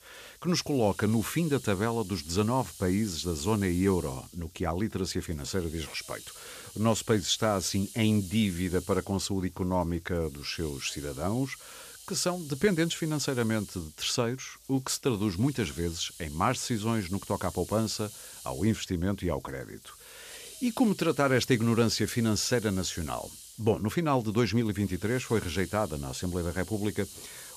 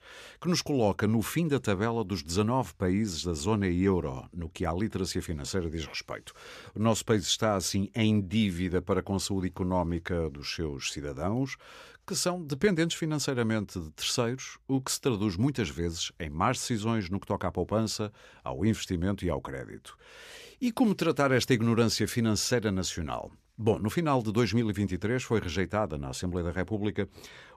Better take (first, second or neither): second